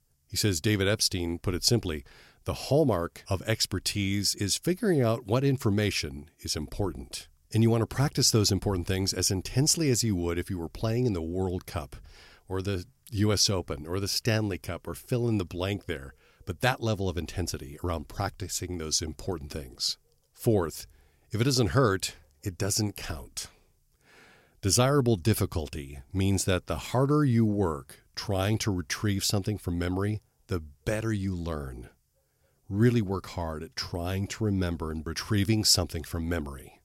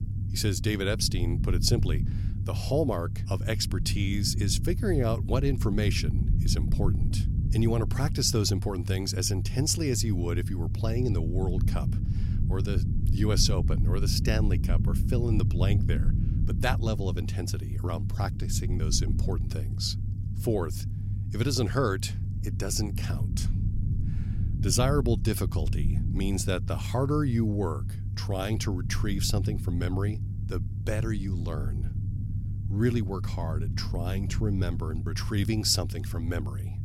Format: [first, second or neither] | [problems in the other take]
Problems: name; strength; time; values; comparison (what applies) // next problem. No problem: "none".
first | low rumble; noticeable; throughout; 10 dB below the speech